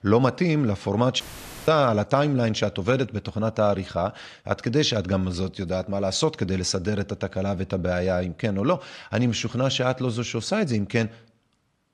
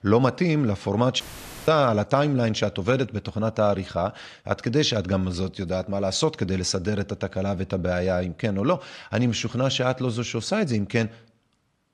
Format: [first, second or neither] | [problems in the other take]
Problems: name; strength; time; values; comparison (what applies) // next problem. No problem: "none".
neither | audio cutting out; filled with static; at 1 s; the same in both